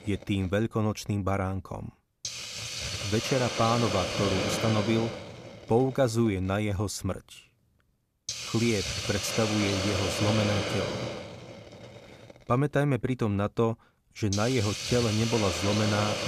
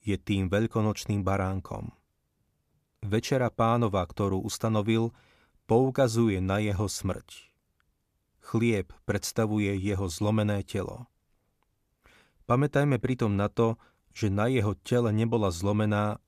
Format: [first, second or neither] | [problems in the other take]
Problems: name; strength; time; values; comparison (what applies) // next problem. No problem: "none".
second | hiss; loud; throughout; 3 dB below the speech